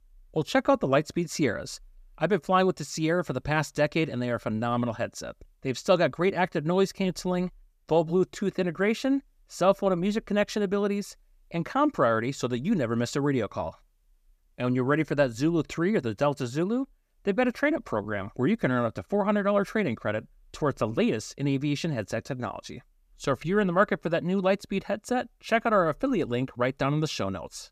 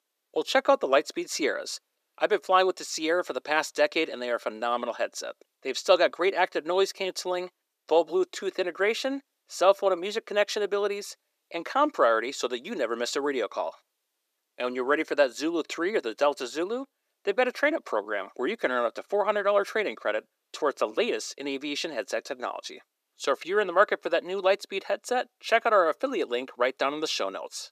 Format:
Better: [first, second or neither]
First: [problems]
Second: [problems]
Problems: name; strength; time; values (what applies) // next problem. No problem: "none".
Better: first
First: none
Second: thin; somewhat; fading below 350 Hz